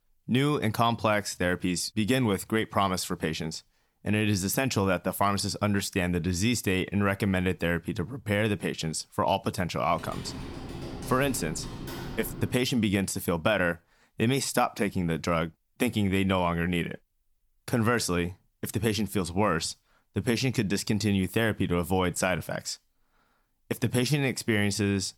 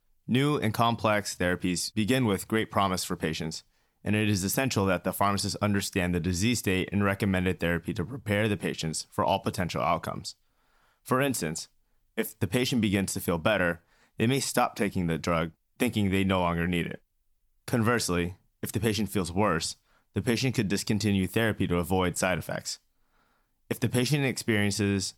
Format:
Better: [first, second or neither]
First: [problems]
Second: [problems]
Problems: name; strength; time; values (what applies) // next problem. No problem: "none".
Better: second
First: keyboard typing; faint; from 10 to 13 s; peak 10 dB below the speech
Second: none